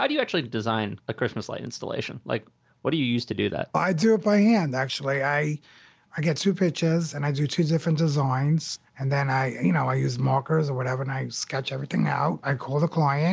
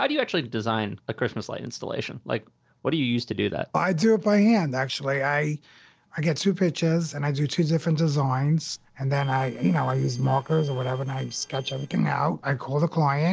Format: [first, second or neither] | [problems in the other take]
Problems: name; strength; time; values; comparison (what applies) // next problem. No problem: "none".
first | noise reduction (neural separator model SepFormer DNS4)